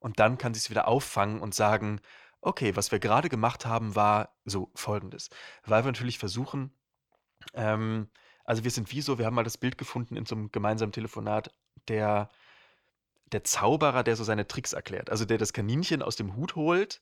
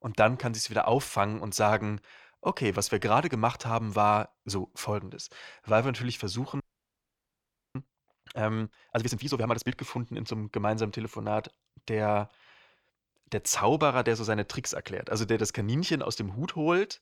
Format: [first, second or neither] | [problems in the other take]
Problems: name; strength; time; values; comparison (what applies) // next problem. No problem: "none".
first | audio freezing; at 6.5 s for 1 s